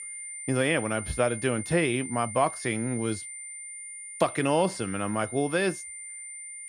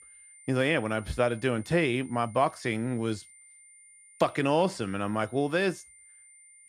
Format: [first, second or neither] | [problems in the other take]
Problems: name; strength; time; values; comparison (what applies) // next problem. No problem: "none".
second | high-pitched whine; loud; throughout; 9 kHz, 9 dB below the speech; faint in the second